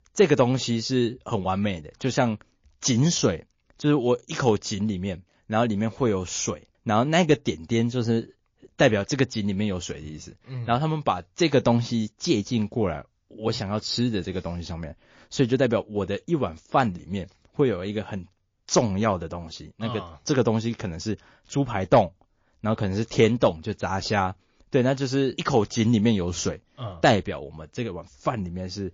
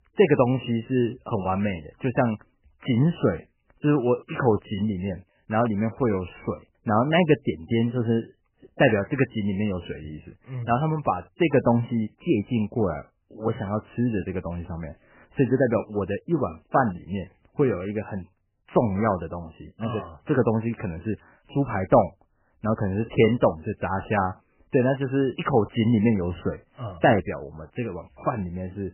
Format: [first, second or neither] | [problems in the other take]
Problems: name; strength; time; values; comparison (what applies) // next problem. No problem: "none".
first | garbled, watery; badly; nothing above 3 kHz; slightly in the first